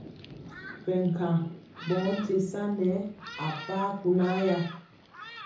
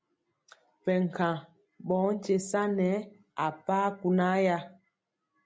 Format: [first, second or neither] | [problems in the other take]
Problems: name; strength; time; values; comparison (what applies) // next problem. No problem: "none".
second | background sound (Thunderstorm); 14 dB below the speech // room echo; dies away in 0.6 s